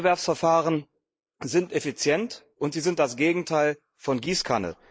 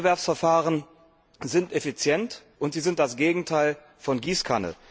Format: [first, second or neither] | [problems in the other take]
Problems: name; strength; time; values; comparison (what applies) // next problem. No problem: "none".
second | noise reduction (neural mask model Resemble Enhance denoiser)